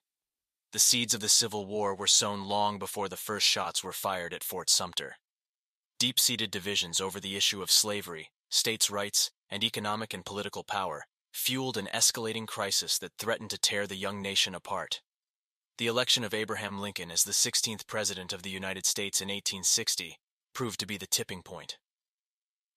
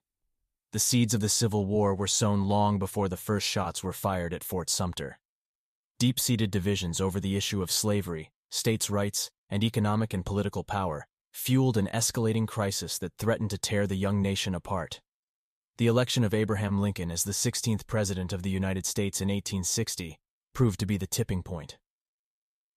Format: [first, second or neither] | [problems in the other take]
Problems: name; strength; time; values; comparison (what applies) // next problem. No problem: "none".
second | thin; somewhat; fading below 850 Hz